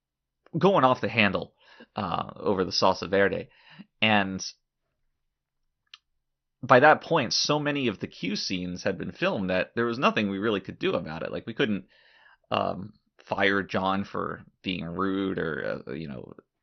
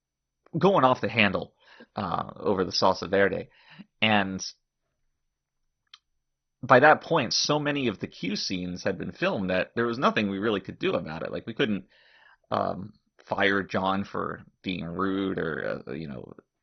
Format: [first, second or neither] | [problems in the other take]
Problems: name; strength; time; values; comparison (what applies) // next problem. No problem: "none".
first | garbled, watery; badly; nothing above 6 kHz; slightly in the first